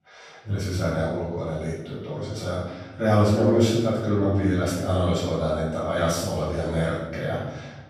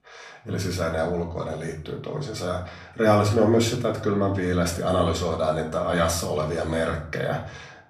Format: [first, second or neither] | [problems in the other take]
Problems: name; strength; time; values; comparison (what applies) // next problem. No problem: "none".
second | room echo; strong; dies away in 1 s; slight in the second // off-mic speech; far; somewhat distant in the second